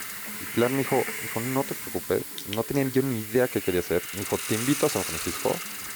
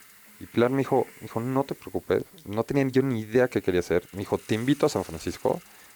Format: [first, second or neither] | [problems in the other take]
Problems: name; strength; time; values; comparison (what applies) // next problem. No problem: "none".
second | hiss; loud; throughout; 4 dB below the speech; faint in the second